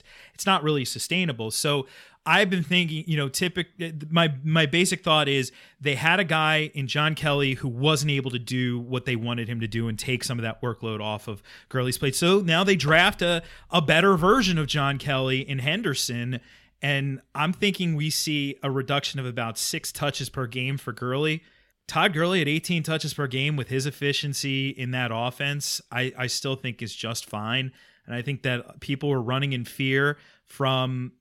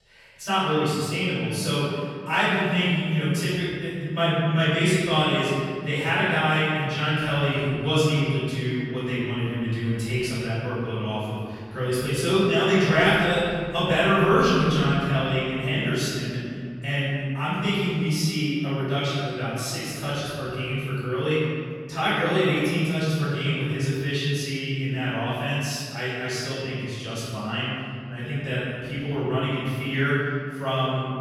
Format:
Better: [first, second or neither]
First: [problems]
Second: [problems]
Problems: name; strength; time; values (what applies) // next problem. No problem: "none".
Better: first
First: none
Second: room echo; strong; dies away in 2.2 s // off-mic speech; far